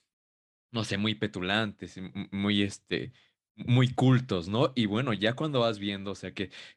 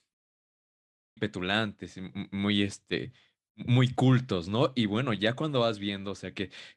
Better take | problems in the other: first | audio freezing; at 0.5 s

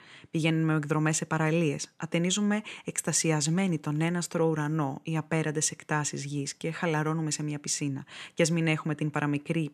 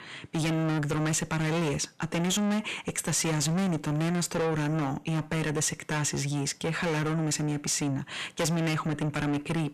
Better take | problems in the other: first | distortion; heavy; 5 dB below the speech

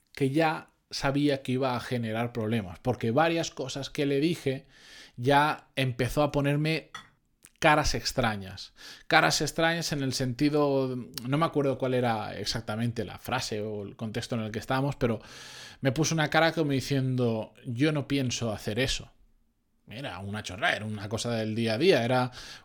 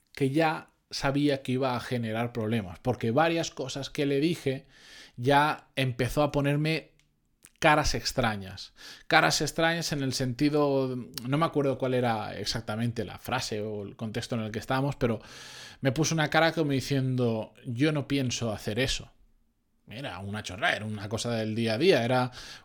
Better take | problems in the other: second | clattering dishes; faint; at 7 s; peak 20 dB below the speech

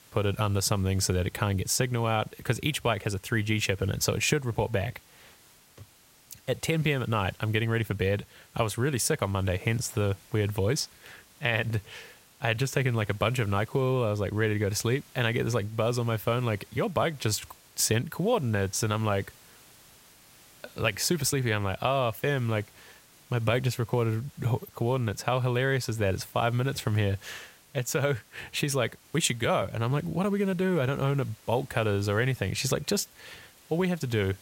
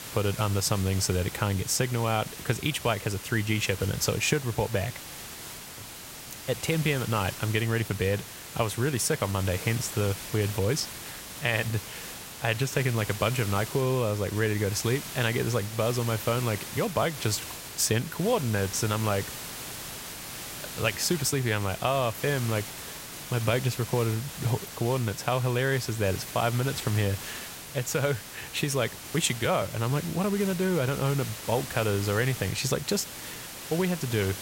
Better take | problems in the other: first | hiss; loud; throughout; 10 dB below the speech; faint in the first

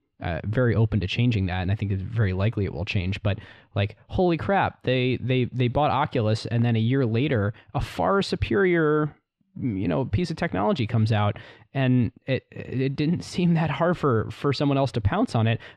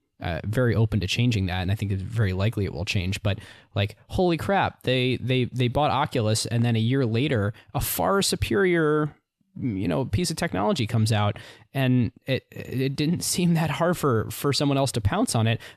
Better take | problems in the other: second | muffled; slightly; fading above 3 kHz

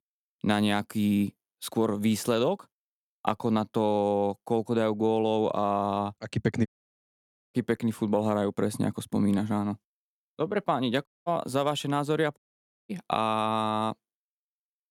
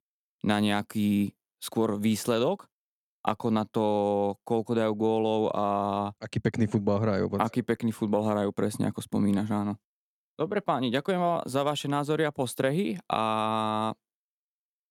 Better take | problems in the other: second | audio cutting out; at 6.5 s for 1 s, at 11 s and at 12 s for 0.5 s

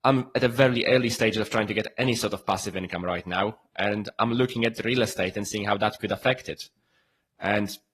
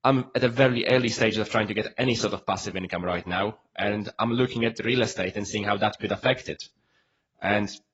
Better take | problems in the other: first | garbled, watery; badly; nothing above 7.5 kHz; slightly in the first

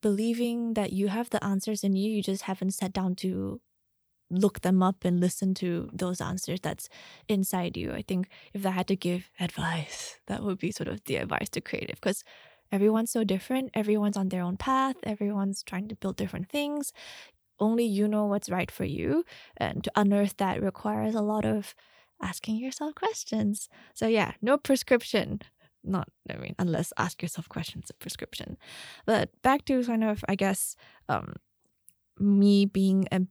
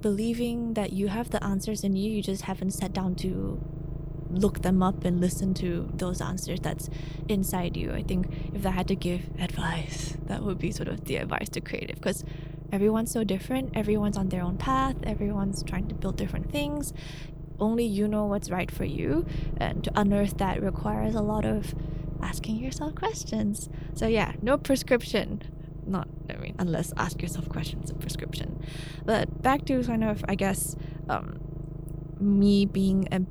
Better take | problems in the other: first | low rumble; noticeable; throughout; 15 dB below the speech

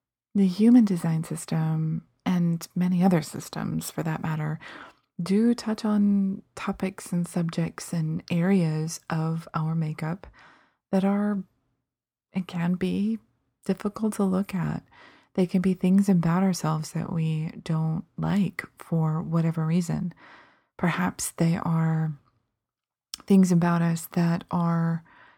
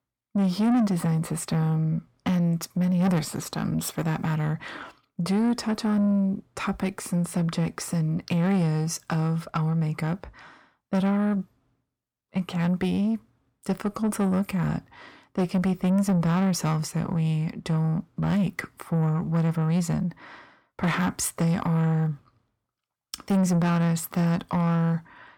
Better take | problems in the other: first | distortion; slight; 10 dB below the speech

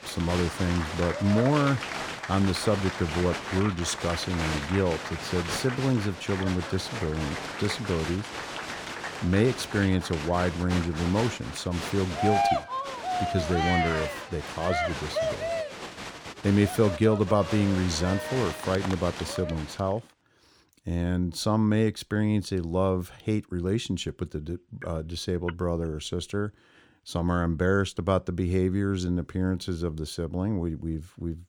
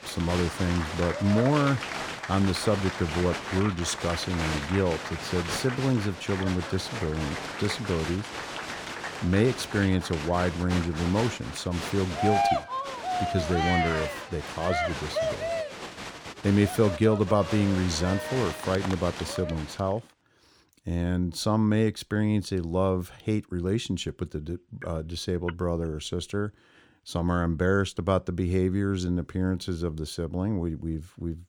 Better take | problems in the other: neither | crowd noise; loud; until 19 s; 5 dB below the speech; the same in both

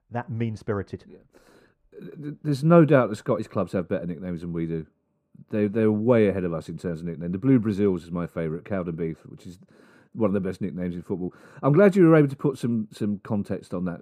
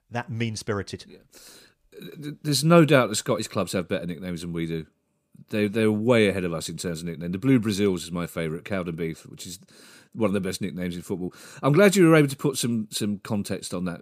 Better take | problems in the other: second | muffled; very; fading above 2.5 kHz

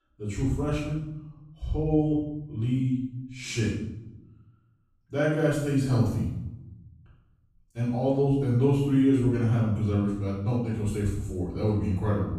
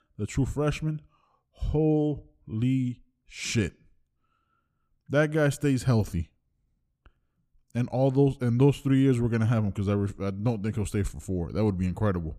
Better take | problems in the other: second | off-mic speech; far // room echo; noticeable; dies away in 0.7 s

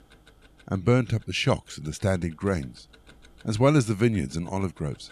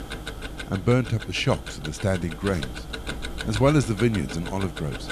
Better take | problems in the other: first | household noises; loud; throughout; 10 dB below the speech; faint in the first

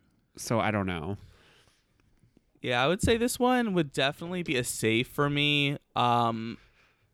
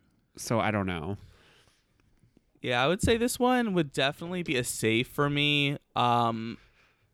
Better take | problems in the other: neither | none

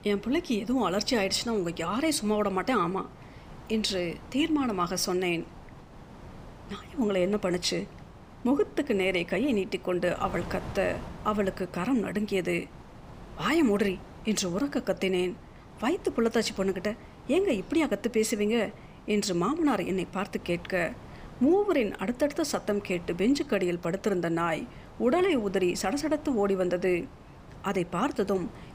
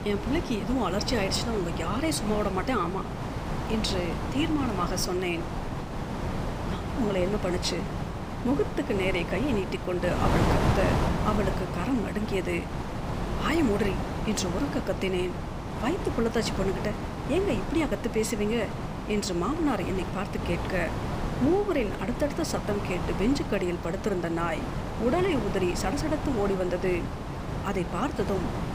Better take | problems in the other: first | wind noise on the microphone; heavy; 4 dB below the speech; occasional gusts in the first

